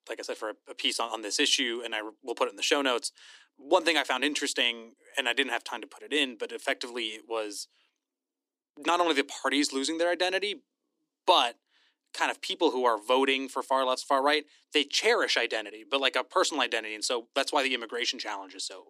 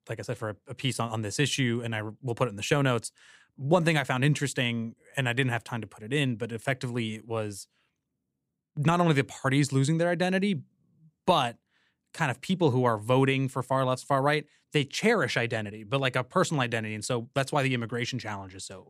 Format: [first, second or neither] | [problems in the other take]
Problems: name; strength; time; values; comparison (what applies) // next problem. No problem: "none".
second | thin; somewhat; fading below 300 Hz